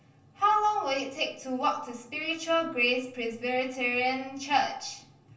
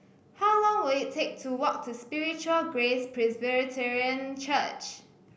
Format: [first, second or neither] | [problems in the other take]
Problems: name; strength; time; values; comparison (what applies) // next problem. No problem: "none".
second | room echo; dies away in 0.2 s